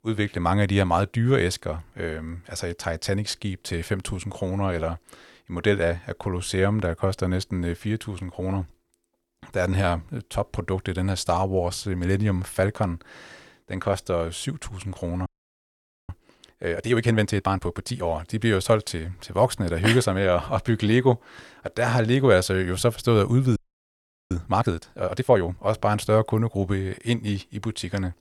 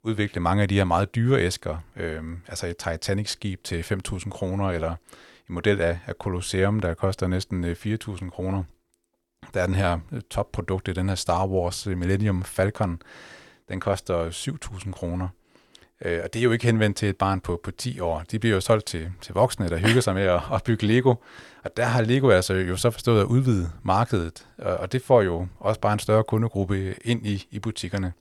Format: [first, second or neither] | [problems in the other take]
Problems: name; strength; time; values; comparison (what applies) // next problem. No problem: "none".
second | audio freezing; at 15 s for 1 s and at 24 s for 1 s